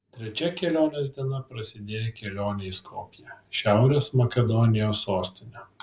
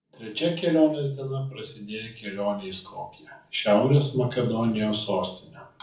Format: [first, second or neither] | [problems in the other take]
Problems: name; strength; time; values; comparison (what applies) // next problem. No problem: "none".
first | room echo; dies away in 0.4 s